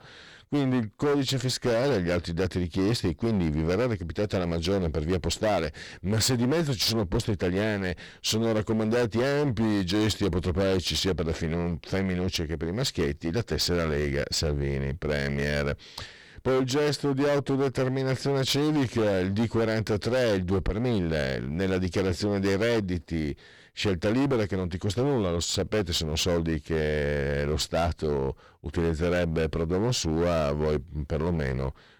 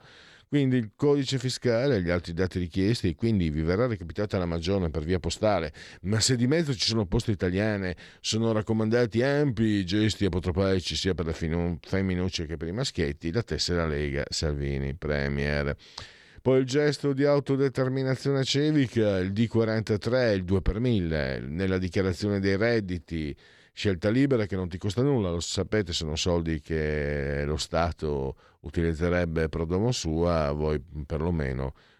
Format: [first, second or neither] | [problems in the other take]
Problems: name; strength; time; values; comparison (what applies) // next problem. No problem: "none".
second | distortion; heavy; 18% of the sound clipped